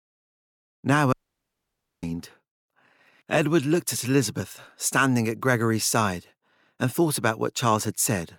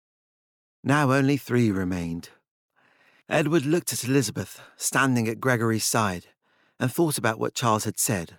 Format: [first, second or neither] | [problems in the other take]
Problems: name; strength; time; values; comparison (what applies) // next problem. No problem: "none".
second | audio cutting out; at 1 s for 1 s